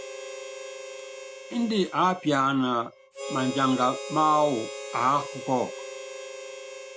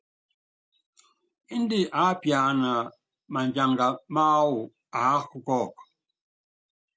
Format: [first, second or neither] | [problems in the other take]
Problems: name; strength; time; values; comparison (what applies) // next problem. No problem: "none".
second | background sound (Harmonica); 11 dB below the speech